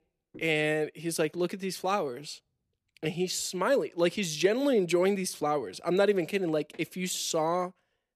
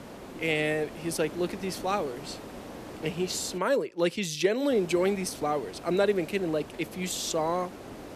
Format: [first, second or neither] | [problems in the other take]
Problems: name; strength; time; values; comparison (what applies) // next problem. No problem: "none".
first | hiss; noticeable; until 3.5 s and from 4.5 s on; 15 dB below the speech